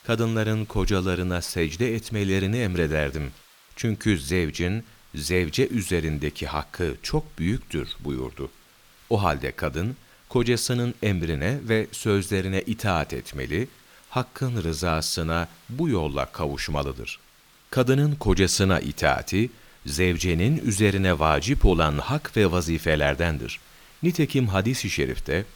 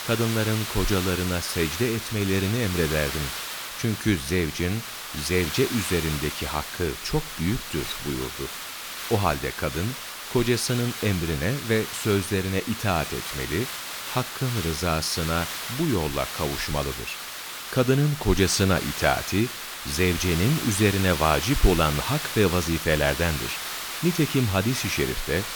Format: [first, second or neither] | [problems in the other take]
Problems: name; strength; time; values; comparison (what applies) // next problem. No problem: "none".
first | hiss; loud; throughout; 6 dB below the speech; faint in the first